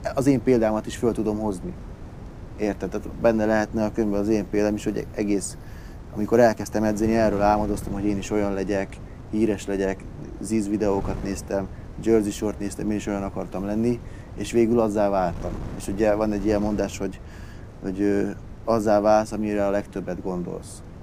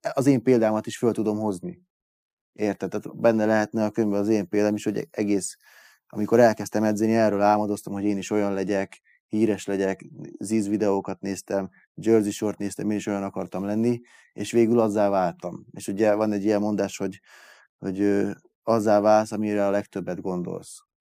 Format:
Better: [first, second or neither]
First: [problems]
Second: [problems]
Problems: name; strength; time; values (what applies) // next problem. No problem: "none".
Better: second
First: wind noise on the microphone; occasional gusts; 20 dB below the speech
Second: none